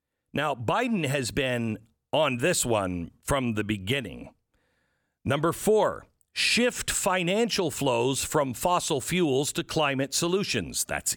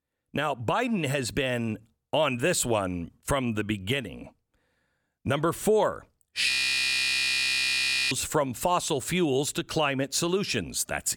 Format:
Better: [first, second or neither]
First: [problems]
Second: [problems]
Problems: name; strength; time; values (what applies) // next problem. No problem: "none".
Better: first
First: none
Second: audio freezing; at 6.5 s for 1.5 s